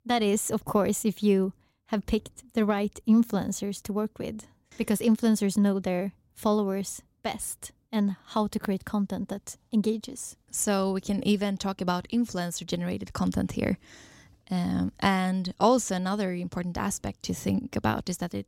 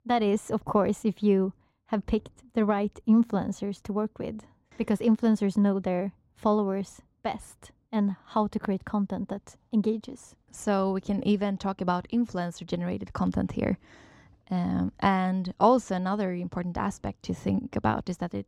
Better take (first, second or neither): first